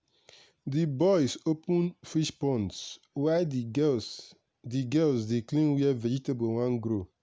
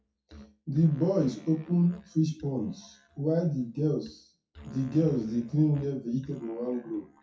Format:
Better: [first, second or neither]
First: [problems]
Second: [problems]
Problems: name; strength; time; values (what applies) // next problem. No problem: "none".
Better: first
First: none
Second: noise reduction (classical method WPE with log-MMSE)